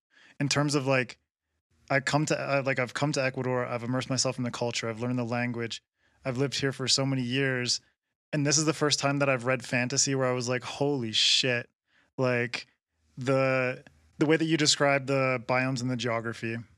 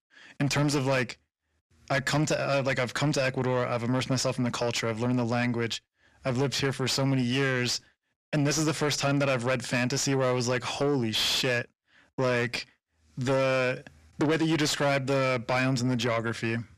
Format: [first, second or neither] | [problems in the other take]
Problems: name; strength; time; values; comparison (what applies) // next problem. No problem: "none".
first | distortion; heavy; 7 dB below the speech